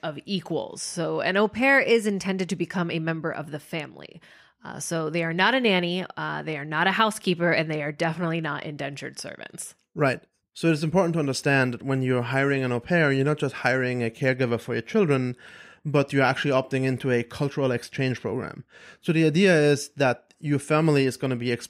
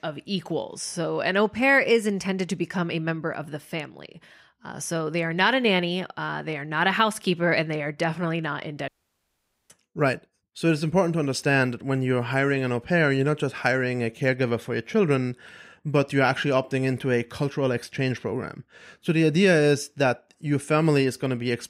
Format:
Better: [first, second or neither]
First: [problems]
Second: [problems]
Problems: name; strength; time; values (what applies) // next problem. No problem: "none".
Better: first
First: none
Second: audio cutting out; at 9 s for 1 s